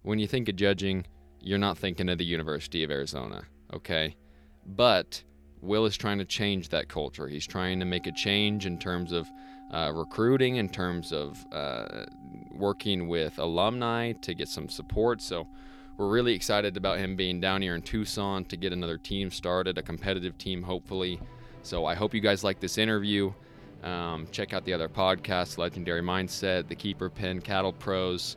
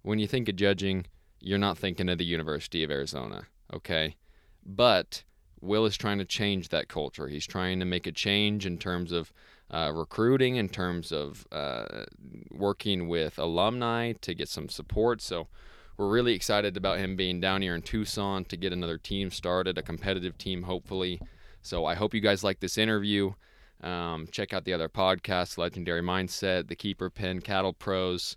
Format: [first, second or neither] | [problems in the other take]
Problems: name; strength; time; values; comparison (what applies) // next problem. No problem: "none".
second | background music; faint; throughout; 20 dB below the speech